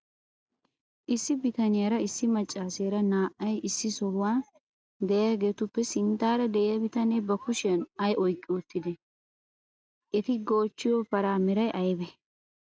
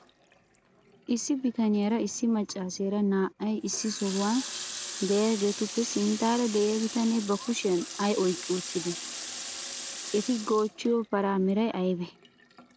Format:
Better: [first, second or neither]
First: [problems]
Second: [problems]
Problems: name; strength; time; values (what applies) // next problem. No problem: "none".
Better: first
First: none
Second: background sound (Water tap, faucet); 12 dB below the speech